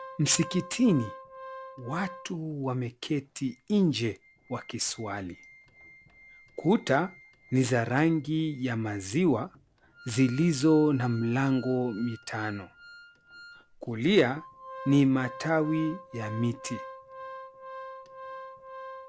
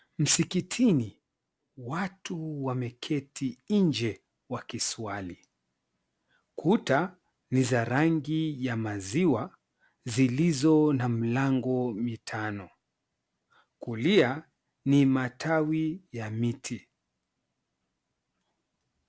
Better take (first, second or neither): second